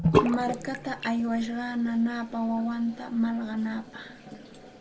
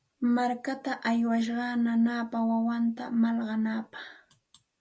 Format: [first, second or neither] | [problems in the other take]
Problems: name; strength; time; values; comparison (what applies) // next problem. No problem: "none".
second | background sound (Bathtub (filling or washing) / Sink (filling or washing)); 3 dB below the speech